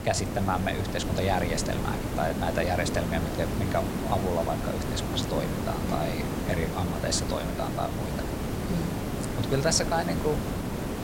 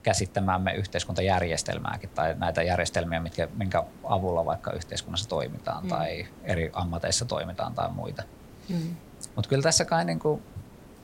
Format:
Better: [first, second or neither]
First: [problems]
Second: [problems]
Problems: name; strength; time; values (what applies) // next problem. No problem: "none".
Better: second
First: hiss; loud; throughout; 1 dB below the speech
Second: hiss; faint; throughout; 20 dB below the speech